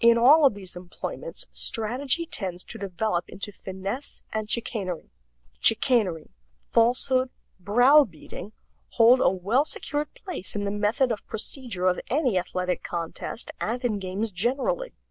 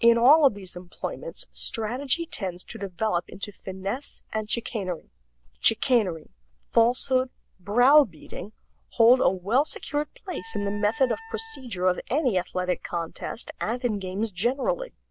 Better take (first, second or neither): first